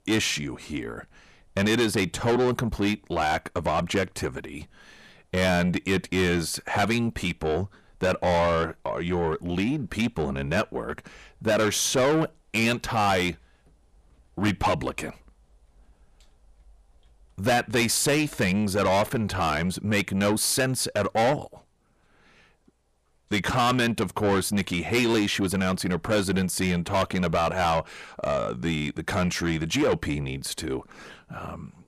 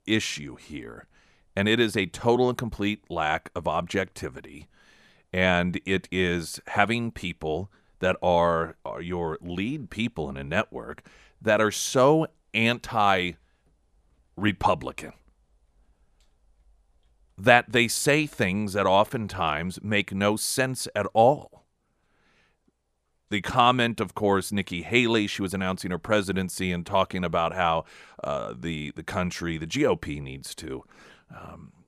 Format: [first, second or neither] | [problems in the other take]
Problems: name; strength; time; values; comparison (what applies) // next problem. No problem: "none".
second | distortion; heavy; 6 dB below the speech